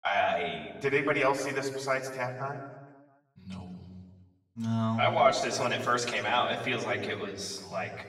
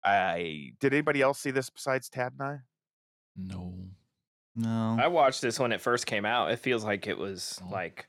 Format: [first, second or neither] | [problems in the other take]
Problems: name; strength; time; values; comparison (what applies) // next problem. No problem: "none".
second | room echo; slight; dies away in 1.2 s // off-mic speech; far